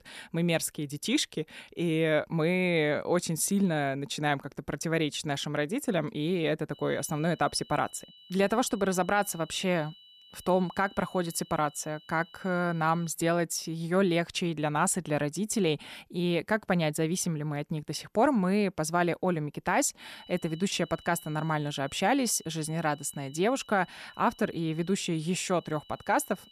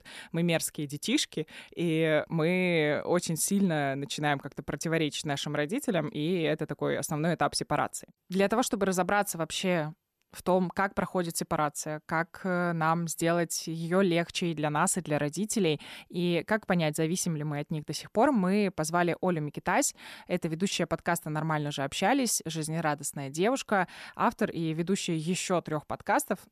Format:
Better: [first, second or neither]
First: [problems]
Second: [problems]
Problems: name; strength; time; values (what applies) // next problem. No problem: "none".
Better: second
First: high-pitched whine; faint; from 6.5 to 13 s and from 20 s on; 3 kHz, 25 dB below the speech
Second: none